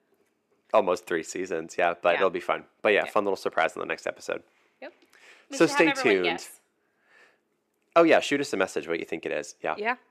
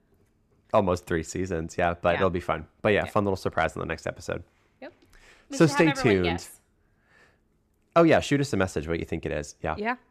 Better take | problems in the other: second | thin; somewhat; fading below 400 Hz

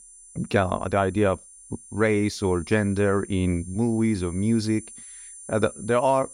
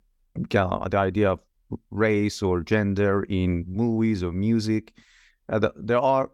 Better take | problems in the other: second | high-pitched whine; noticeable; throughout; 9.5 kHz, 20 dB below the speech

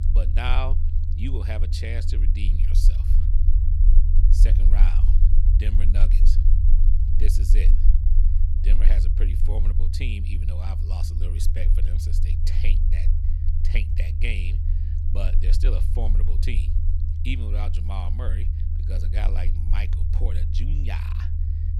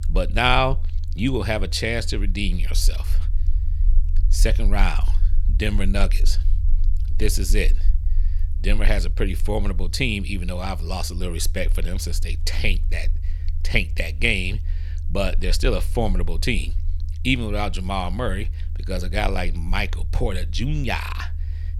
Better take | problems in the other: second | low rumble; loud; throughout; 5 dB below the speech; faint in the second

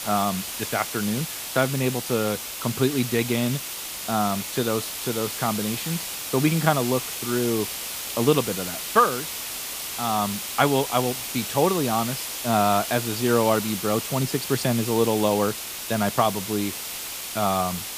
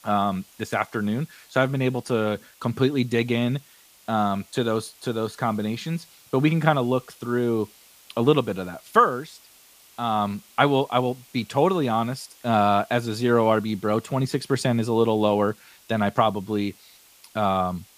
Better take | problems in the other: second | hiss; loud; throughout; 5 dB below the speech; faint in the second

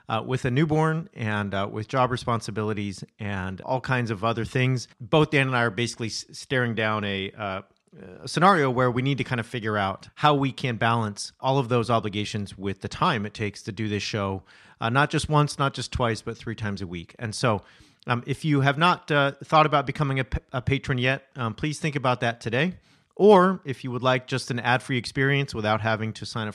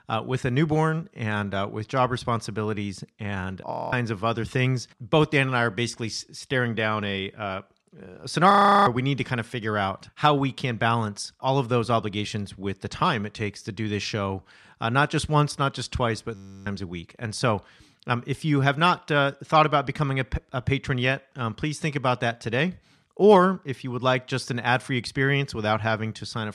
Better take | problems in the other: first | audio freezing; at 3.5 s, at 8.5 s and at 16 s

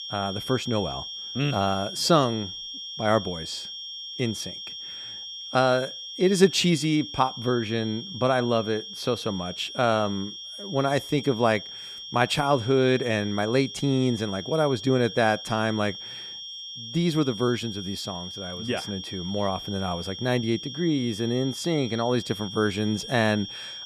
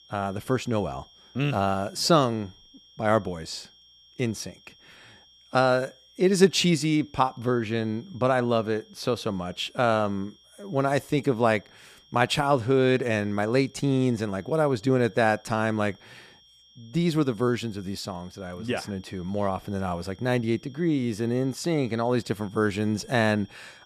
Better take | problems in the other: second | high-pitched whine; loud; throughout; 3 kHz, 10 dB below the speech; faint in the second

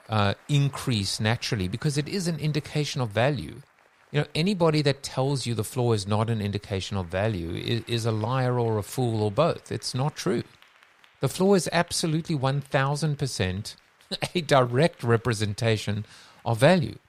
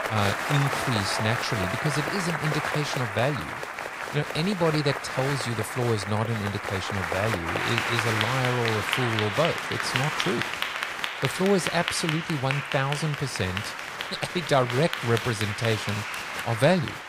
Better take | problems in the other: first | crowd noise; loud; throughout; 2 dB below the speech; faint in the first

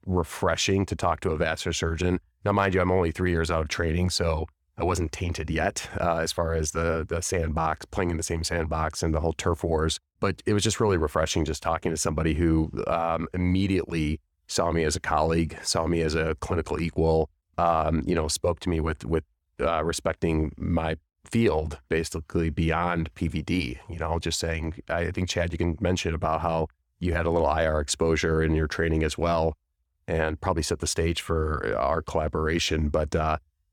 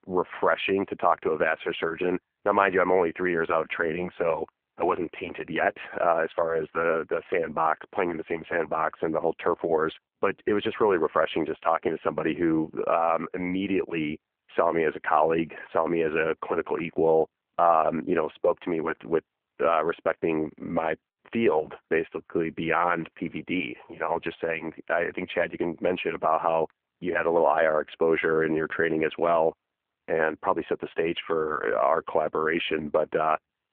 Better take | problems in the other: first | phone-call audio

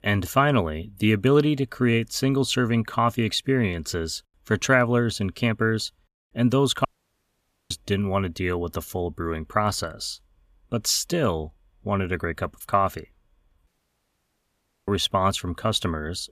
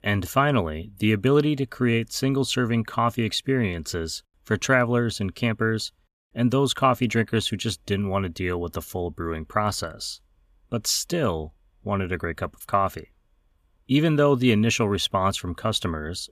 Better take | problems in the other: second | audio cutting out; at 7 s for 1 s and at 14 s for 1 s

